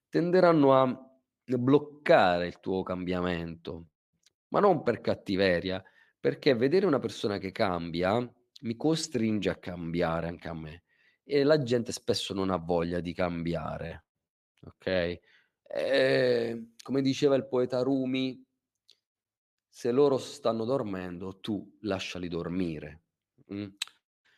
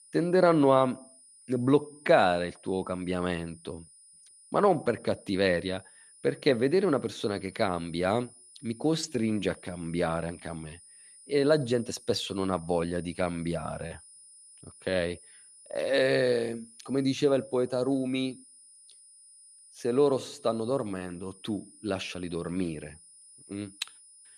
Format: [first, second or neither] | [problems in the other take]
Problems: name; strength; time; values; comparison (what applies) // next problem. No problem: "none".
first | high-pitched whine; faint; throughout; 9.5 kHz, 25 dB below the speech